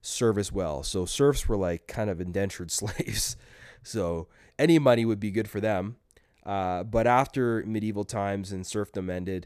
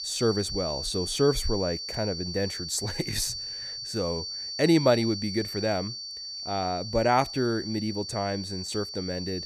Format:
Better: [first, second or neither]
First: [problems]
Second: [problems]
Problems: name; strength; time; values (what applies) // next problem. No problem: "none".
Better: first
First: none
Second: high-pitched whine; loud; throughout; 4.5 kHz, 6 dB below the speech